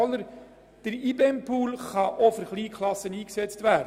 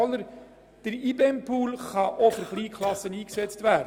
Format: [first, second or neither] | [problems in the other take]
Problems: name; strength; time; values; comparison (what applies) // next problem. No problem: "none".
first | background sound (Cough); 17 dB below the speech